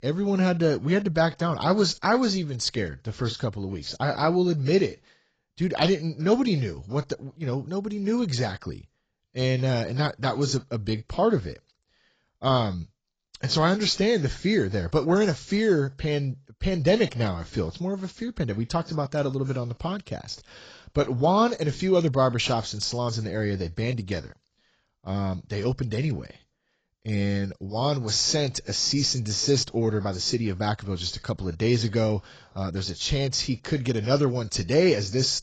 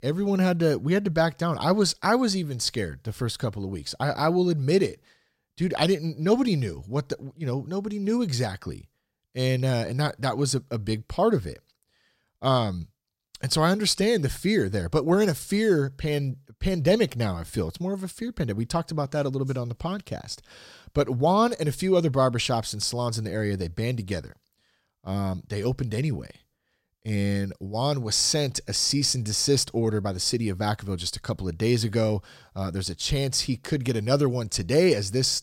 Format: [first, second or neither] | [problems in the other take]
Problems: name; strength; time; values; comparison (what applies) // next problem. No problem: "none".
second | garbled, watery; badly; nothing above 7.5 kHz